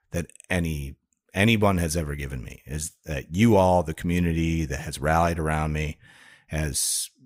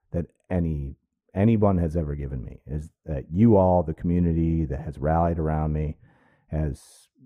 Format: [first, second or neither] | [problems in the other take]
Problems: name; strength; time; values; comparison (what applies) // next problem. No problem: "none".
first | muffled; very; fading above 1.5 kHz